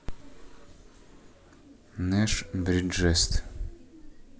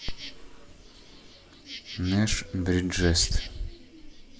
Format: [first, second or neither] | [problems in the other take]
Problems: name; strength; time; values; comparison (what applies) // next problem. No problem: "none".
first | background sound (Insect); 17 dB below the speech